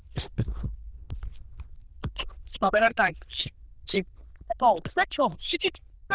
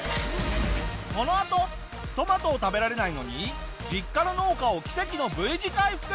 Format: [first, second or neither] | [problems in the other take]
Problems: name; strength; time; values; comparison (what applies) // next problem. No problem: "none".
second | noise reduction (neural diffusion model UNIVERSE++)